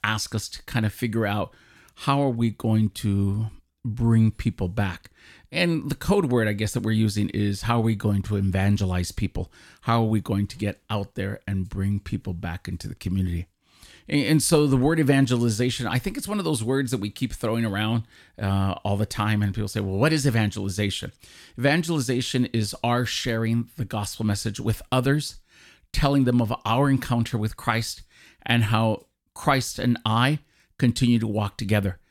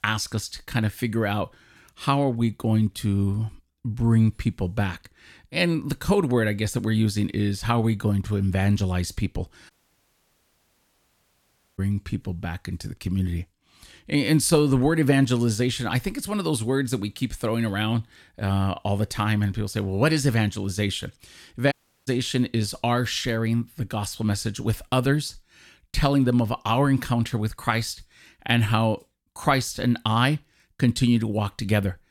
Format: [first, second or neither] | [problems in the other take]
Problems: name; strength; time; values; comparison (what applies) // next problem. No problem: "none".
first | audio cutting out; at 9.5 s for 2 s and at 22 s